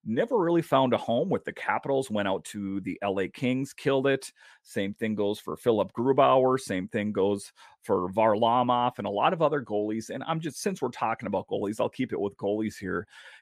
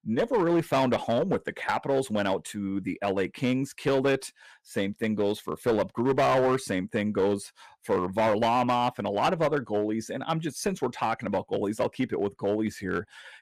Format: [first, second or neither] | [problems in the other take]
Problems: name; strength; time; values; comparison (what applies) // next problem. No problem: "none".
first | distortion; slight; 7% of the sound clipped